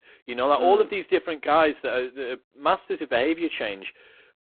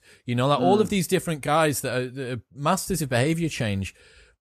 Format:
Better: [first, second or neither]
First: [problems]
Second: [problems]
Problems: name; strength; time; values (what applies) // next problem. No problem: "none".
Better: second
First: phone-call audio; poor line; nothing above 3.5 kHz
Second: none